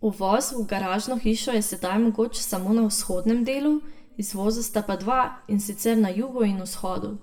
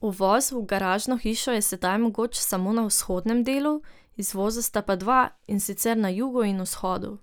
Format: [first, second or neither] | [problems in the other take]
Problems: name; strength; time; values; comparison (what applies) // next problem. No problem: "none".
second | room echo; dies away in 0.6 s